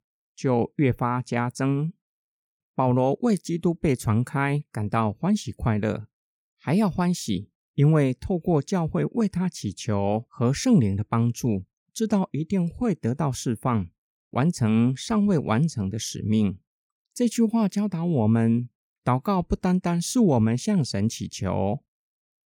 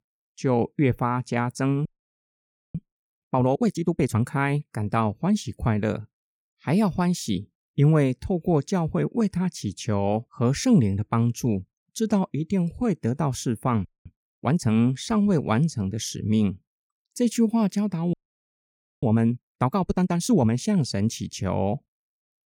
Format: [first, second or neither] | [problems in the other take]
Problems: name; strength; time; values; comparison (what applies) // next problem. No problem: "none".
first | audio freezing; at 2 s for 1 s, at 14 s and at 18 s for 1 s